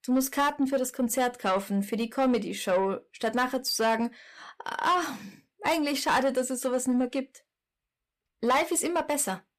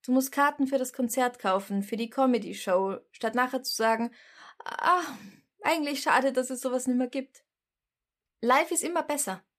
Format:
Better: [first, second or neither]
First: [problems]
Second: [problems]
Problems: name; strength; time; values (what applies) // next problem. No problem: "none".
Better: second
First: distortion; slight; 10 dB below the speech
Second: none